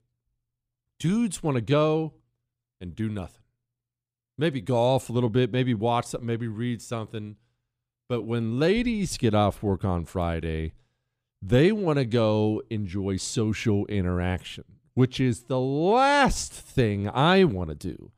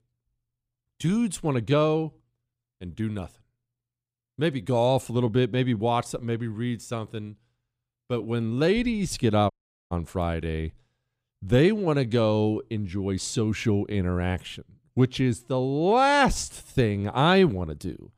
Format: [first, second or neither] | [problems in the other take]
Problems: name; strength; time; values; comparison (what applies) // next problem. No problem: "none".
first | audio cutting out; at 9.5 s